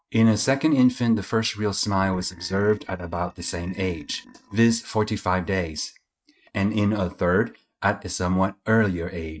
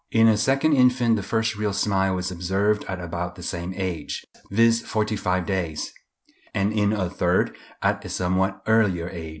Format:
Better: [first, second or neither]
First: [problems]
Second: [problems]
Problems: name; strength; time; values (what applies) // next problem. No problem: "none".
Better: second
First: noise reduction (neural mask model RNNoise)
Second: none